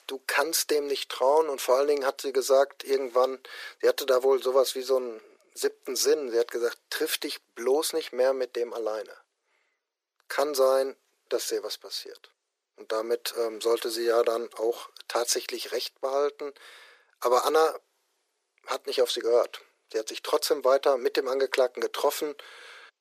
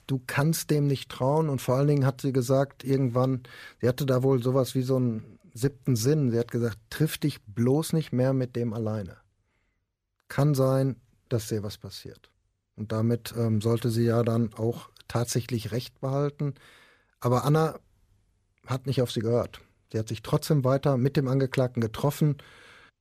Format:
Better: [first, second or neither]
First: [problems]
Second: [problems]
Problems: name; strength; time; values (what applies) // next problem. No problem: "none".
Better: second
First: thin; very; fading below 400 Hz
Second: none